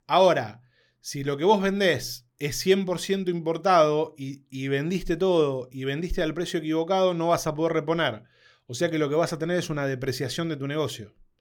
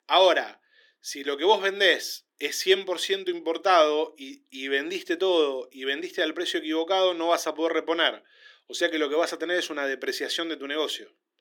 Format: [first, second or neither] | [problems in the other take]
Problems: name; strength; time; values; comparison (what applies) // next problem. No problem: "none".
first | thin; somewhat; fading below 300 Hz